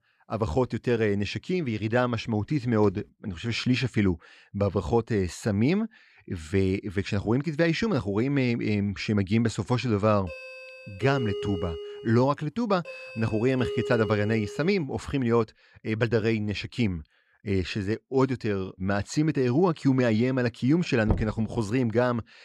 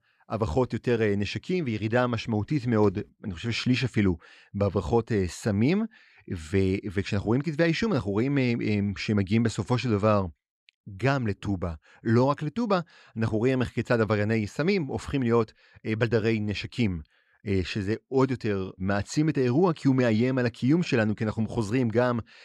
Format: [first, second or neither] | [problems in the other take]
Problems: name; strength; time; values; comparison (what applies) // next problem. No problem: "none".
second | doorbell; noticeable; from 10 to 15 s; peak 5 dB below the speech // door banging; noticeable; at 21 s; peak 5 dB below the speech